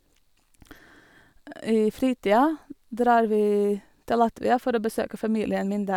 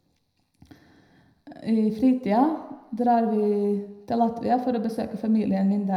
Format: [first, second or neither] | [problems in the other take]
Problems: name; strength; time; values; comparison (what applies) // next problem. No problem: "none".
first | room echo; dies away in 0.7 s